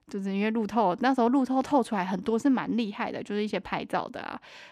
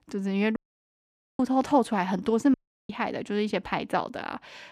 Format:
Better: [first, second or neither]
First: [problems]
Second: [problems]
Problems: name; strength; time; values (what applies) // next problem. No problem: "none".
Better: first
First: none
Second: audio cutting out; at 0.5 s for 1 s and at 2.5 s